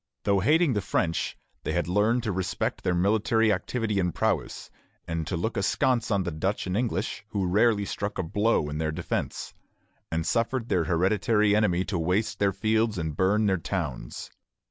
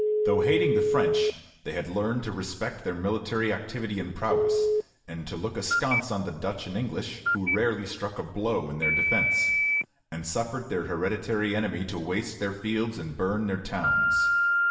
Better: first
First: none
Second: background sound (Telephone); 1 dB above the speech // room echo; dies away in 1 s

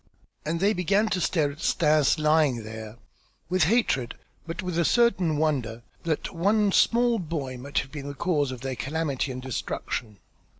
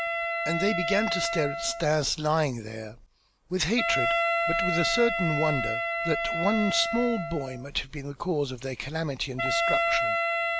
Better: first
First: none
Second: background sound (Wind instrument, woodwind instrument); 1 dB below the speech

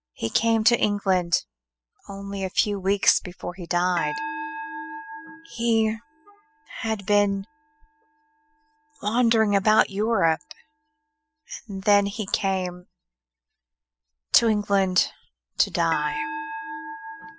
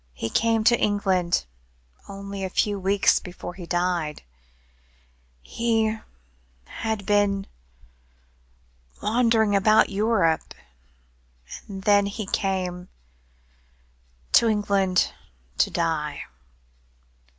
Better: second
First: noise reduction (classical method spectral subtraction)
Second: none

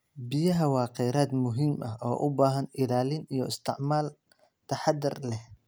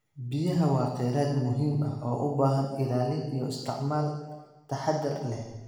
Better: first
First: none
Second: room echo; dies away in 1.2 s

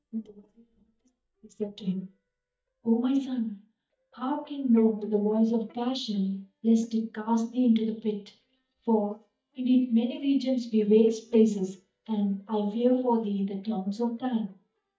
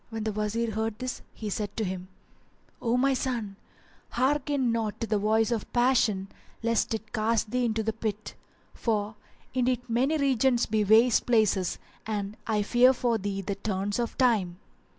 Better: second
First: noise reduction (neural mask model DeepFilterNet 3)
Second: none

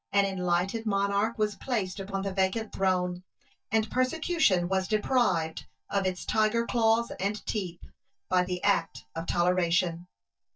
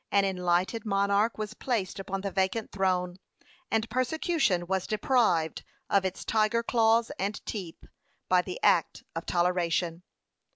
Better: second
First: noise reduction (neural mask model DeepFilterNet 3)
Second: none

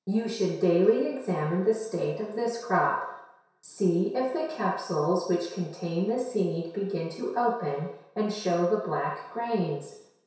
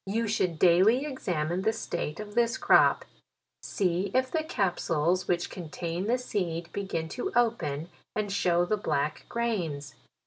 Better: second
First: room echo; dies away in 0.7 s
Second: none

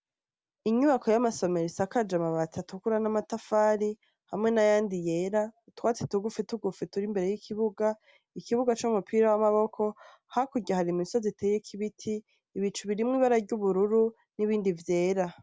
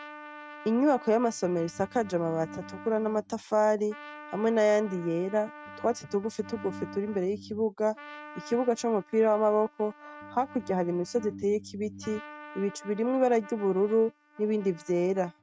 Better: first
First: none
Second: noise reduction (neural mask model RNNoise)

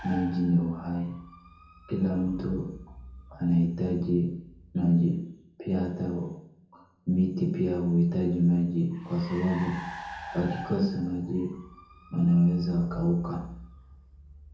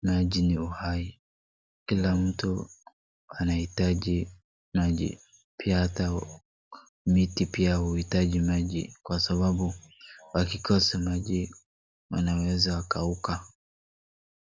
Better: second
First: background sound (Car); 18 dB below the speech // room echo; dies away in 0.7 s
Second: none

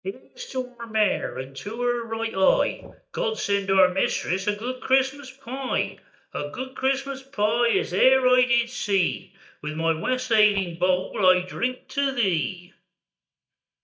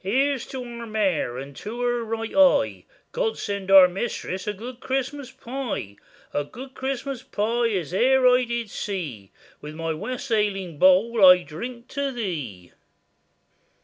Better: second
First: noise reduction (neural mask model DeepFilterNet 3)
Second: none

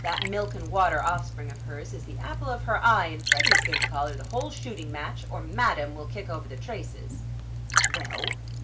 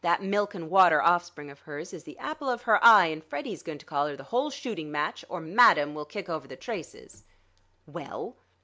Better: second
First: background sound (Liquid); 1 dB above the speech // room echo; dies away in 0.2 s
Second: none

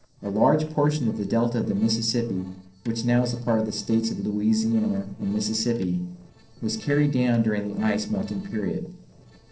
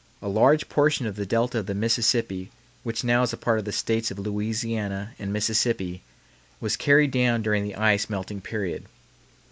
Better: second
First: noise reduction (neural separator model SepFormer DNS4)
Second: none

